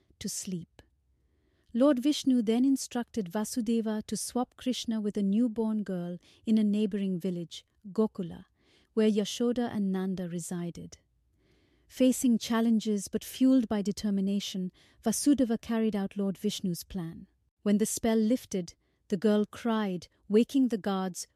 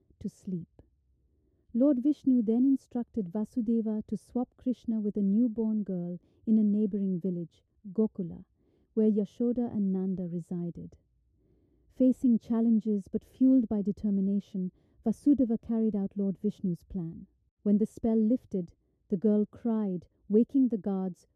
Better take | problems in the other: first | muffled; very; fading above 1 kHz

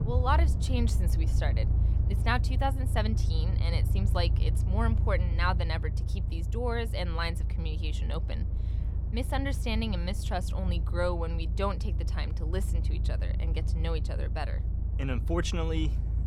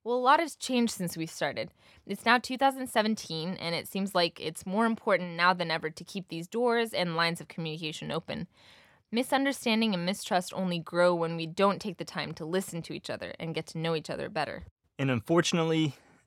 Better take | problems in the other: second | low rumble; noticeable; throughout; 10 dB below the speech

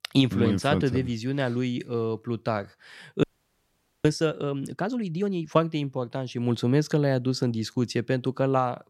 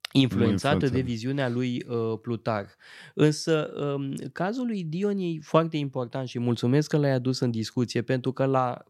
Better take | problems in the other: second | audio freezing; at 3 s for 1 s

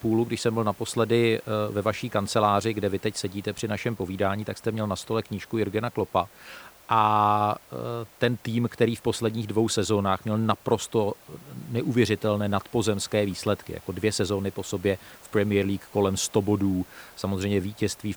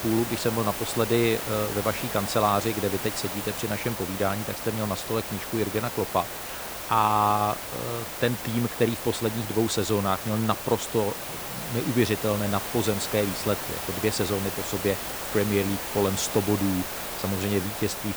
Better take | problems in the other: first | hiss; loud; throughout; 5 dB below the speech; faint in the first

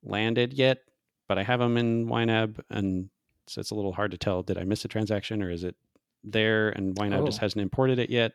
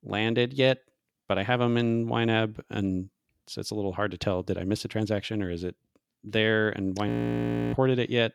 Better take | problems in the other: first | audio freezing; at 7 s for 0.5 s

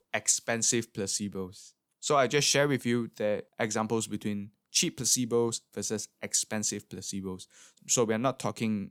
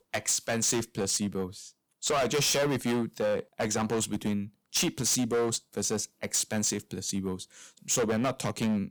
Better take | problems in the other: first | distortion; heavy; 14% of the sound clipped

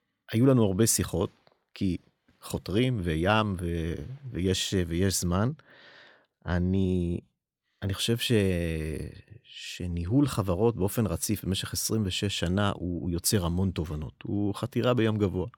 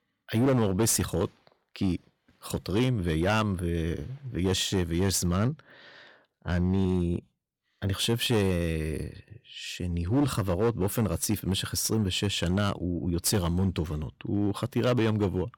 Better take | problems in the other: first | distortion; slight; 6% of the sound clipped

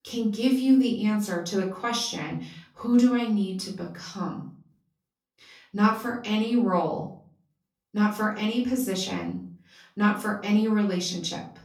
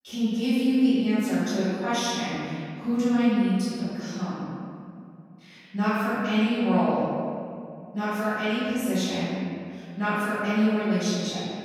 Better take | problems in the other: first | room echo; strong; dies away in 2.2 s; slight in the first // off-mic speech; far; far in the first

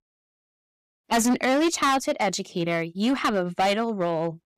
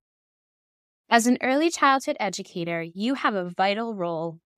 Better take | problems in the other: second | distortion; heavy; 10% of the sound clipped

